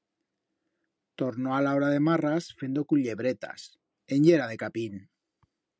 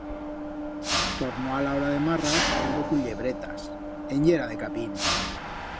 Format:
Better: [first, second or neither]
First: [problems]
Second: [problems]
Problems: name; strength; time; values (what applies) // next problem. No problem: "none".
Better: first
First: none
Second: background sound (Mechanisms); 1 dB below the speech